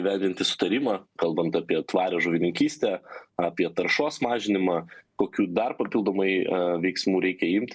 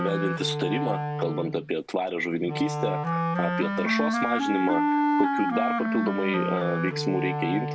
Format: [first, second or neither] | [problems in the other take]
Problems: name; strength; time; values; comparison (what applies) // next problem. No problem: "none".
first | background sound (Wind instrument, woodwind instrument); 1 dB above the speech